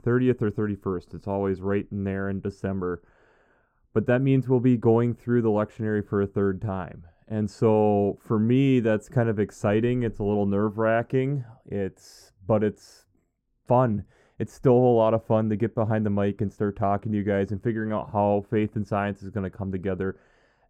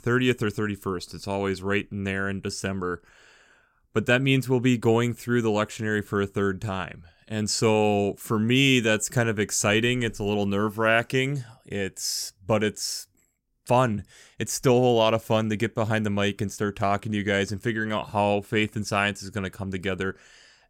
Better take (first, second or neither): second